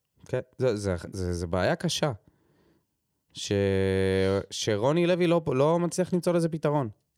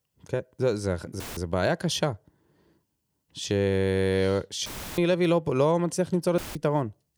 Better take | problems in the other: first | audio cutting out; filled with static; at 1 s, at 4.5 s and at 6.5 s

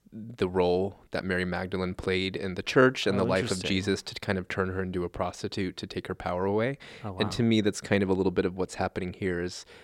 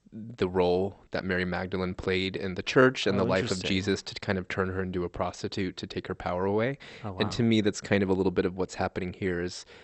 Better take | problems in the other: first | garbled, watery; slightly; nothing above 8 kHz

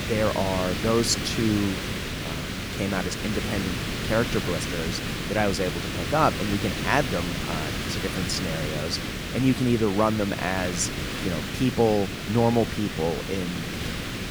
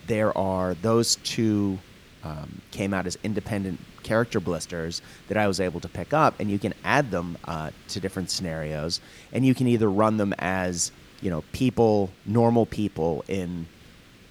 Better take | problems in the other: second | hiss; loud; throughout; 3 dB below the speech; faint in the second

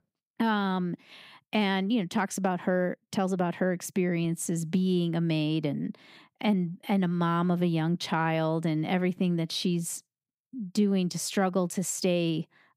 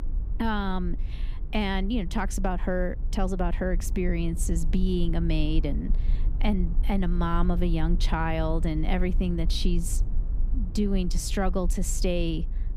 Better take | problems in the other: first | low rumble; noticeable; throughout; 20 dB below the speech

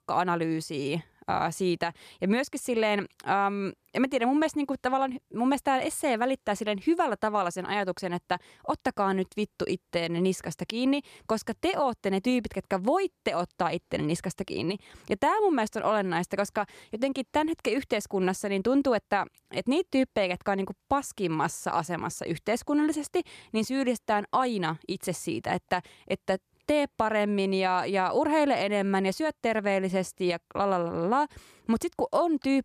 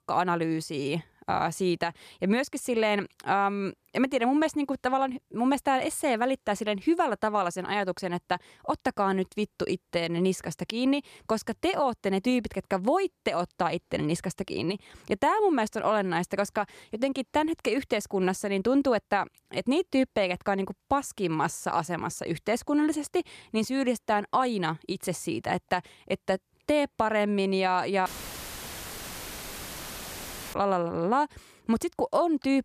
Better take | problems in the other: first | audio cutting out; filled with static; at 28 s for 2.5 s

